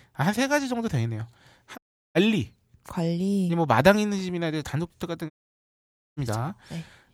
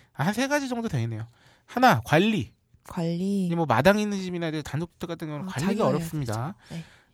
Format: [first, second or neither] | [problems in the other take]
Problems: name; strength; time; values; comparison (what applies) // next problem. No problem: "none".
second | audio cutting out; at 2 s and at 5.5 s for 1 s